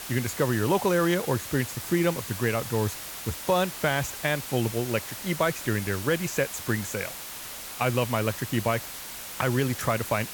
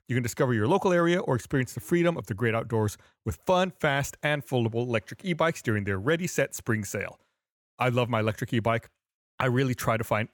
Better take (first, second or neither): second